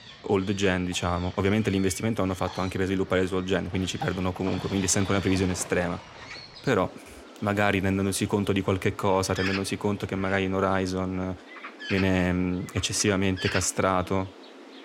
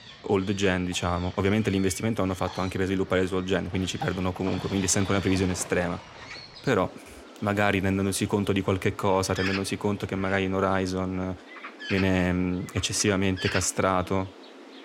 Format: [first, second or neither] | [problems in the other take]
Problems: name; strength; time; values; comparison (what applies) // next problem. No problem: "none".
neither | animal sounds; noticeable; throughout; 15 dB below the speech; the same in both